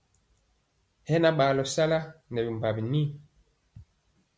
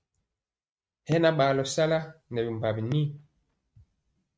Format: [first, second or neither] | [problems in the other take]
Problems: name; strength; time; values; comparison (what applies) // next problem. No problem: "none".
first | noise reduction (neural mask model RNNoise)